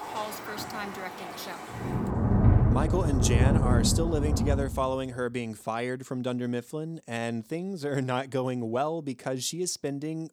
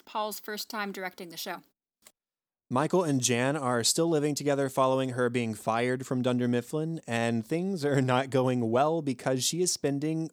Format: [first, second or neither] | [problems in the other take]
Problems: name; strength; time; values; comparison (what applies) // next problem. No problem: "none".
second | rain or running water; very loud; until 4.5 s; 5 dB above the speech